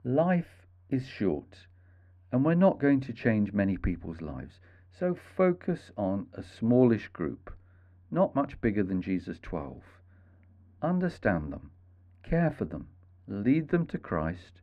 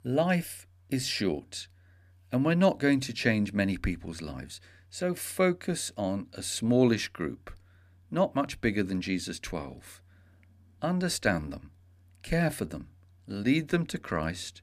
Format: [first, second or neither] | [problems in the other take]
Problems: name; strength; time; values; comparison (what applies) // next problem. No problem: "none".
second | muffled; very; fading above 3.5 kHz